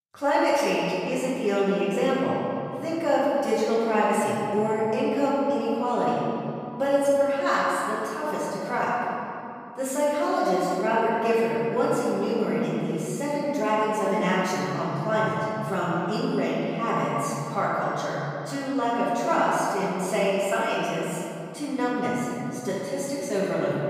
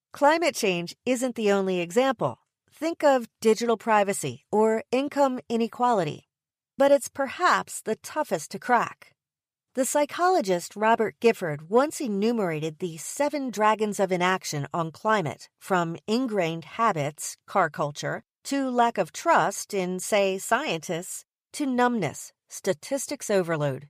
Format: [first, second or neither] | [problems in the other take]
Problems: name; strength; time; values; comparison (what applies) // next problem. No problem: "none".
second | room echo; strong; dies away in 2.7 s // off-mic speech; far